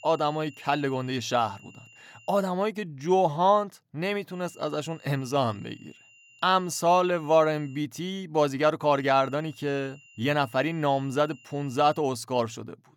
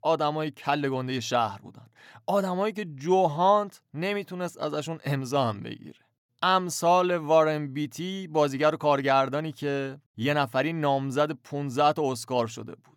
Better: second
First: high-pitched whine; faint; until 2.5 s, from 4.5 to 8 s and from 9 to 12 s; 3 kHz, 25 dB below the speech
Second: none

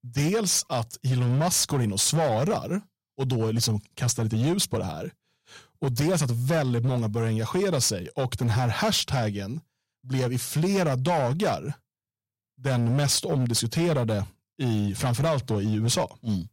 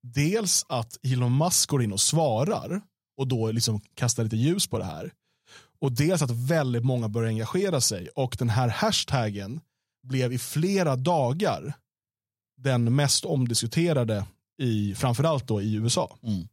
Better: second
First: distortion; slight; 12% of the sound clipped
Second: none

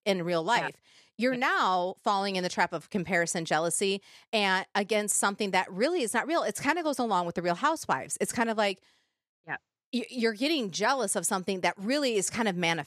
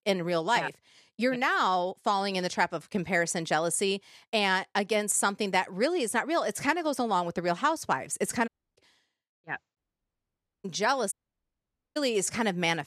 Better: first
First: none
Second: audio cutting out; at 8.5 s, at 10 s for 1 s and at 11 s for 1 s

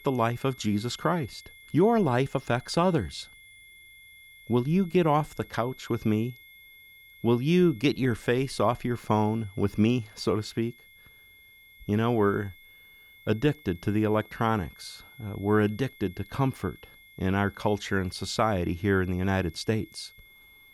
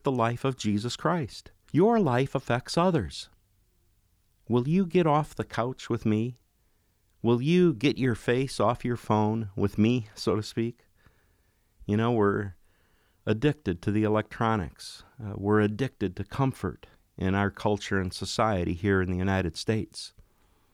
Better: second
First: high-pitched whine; faint; throughout; 2 kHz, 25 dB below the speech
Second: none

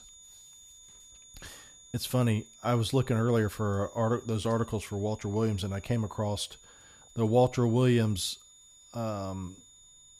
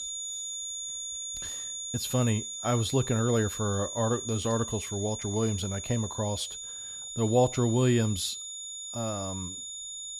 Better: first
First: high-pitched whine; faint; throughout; 7 kHz, 25 dB below the speech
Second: high-pitched whine; loud; throughout; 7 kHz, 6 dB below the speech

